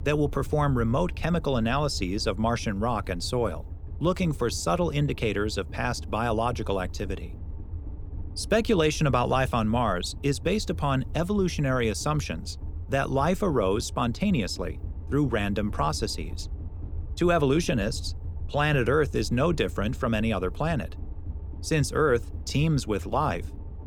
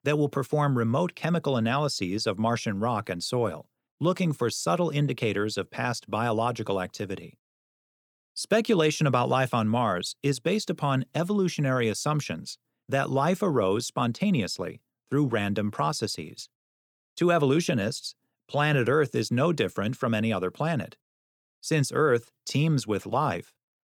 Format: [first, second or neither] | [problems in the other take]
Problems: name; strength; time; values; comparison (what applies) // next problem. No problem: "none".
second | low rumble; faint; throughout; 25 dB below the speech